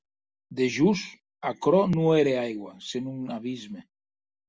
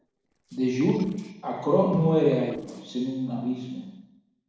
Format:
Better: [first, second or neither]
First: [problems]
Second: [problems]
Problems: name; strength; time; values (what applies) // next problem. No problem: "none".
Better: first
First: none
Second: noise reduction (neural separator model SepFormer DNS4)